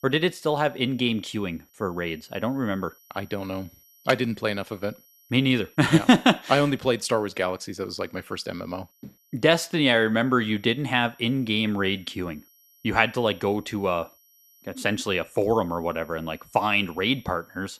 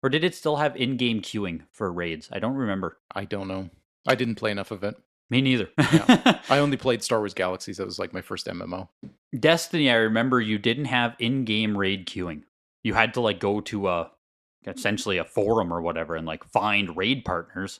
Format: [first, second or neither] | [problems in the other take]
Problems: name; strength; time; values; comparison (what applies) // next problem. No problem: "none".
second | high-pitched whine; faint; throughout; 12 kHz, 30 dB below the speech